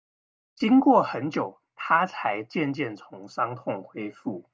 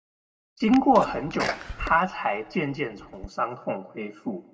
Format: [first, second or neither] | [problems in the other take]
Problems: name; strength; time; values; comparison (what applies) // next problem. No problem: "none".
first | background sound (Sneeze); 10 dB below the speech // room echo; dies away in 0.9 s